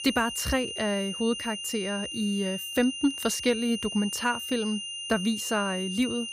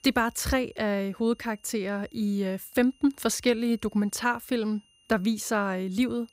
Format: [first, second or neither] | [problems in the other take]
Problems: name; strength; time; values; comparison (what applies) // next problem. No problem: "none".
second | high-pitched whine; loud; throughout; 3 kHz, 5 dB below the speech; faint in the second